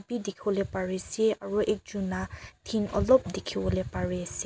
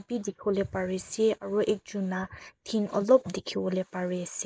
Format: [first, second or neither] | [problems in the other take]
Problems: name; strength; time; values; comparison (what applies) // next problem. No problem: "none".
first | noise reduction (neural mask model Resemble Enhance denoiser)